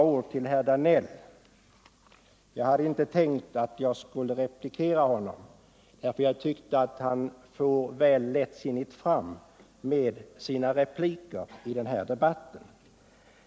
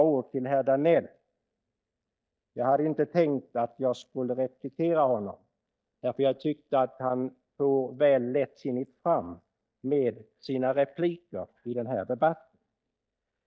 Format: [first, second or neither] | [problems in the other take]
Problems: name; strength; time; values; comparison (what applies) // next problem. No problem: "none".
first | noise reduction (neural mask model DeepFilterNet 3)